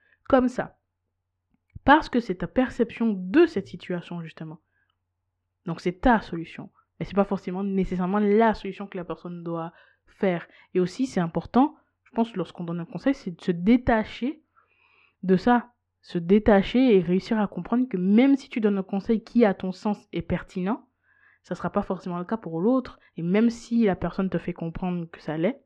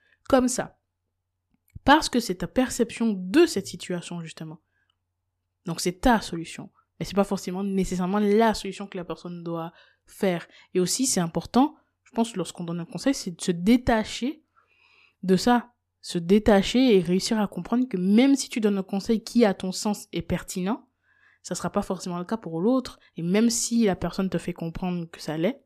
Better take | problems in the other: second | muffled; very; fading above 2 kHz

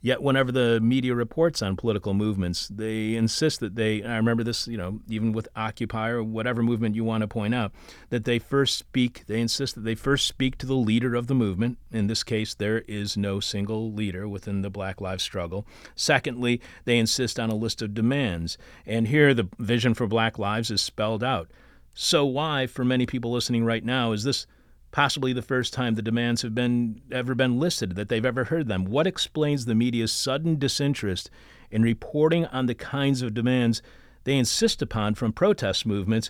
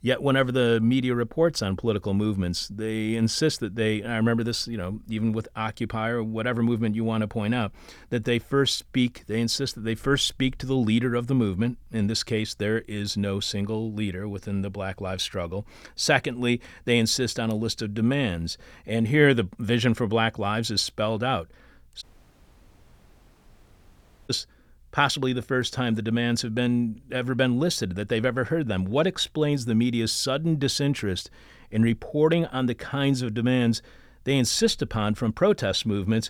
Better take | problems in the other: first | audio cutting out; at 22 s for 2.5 s

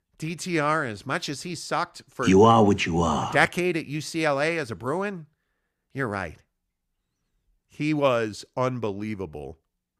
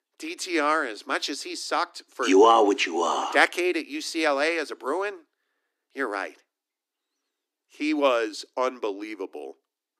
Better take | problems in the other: first | thin; somewhat; fading below 300 Hz

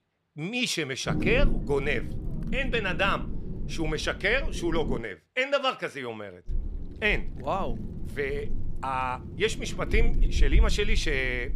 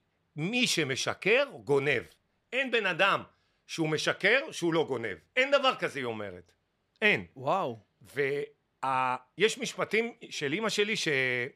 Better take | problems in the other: second | wind noise on the microphone; occasional gusts; from 1 to 5 s and from 6.5 s on; 15 dB below the speech

